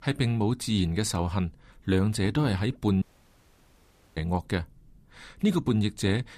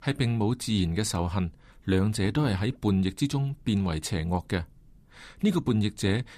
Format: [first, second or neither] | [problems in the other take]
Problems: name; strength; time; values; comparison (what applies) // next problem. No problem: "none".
second | audio cutting out; at 3 s for 1 s